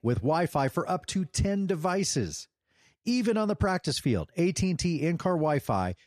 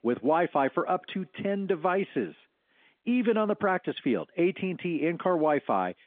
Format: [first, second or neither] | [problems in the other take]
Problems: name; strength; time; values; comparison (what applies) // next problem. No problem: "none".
first | phone-call audio; nothing above 3.5 kHz